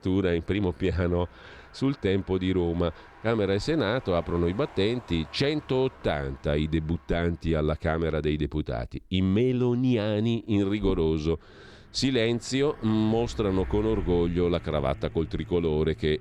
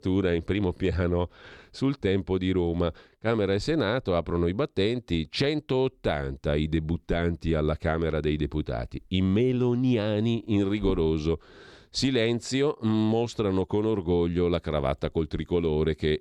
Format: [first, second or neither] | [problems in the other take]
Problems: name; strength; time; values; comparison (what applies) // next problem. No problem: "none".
second | traffic noise; noticeable; throughout; 20 dB below the speech